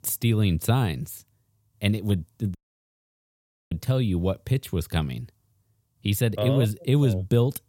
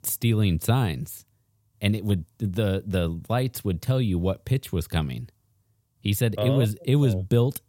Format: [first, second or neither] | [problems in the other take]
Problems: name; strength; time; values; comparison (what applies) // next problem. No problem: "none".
second | audio cutting out; at 2.5 s for 1 s